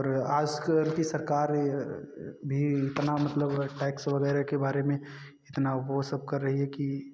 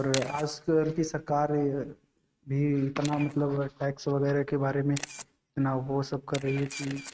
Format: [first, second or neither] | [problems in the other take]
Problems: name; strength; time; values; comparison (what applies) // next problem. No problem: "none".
first | noise reduction (neural mask model RNNoise)